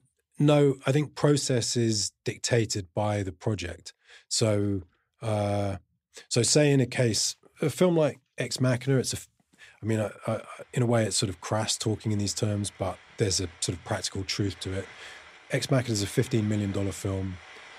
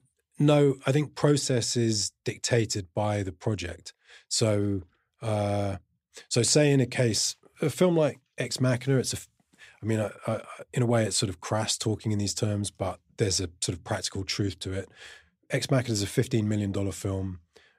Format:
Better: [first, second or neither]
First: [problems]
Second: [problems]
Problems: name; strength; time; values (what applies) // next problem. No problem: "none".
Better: second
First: household noises; faint; throughout; 25 dB below the speech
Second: none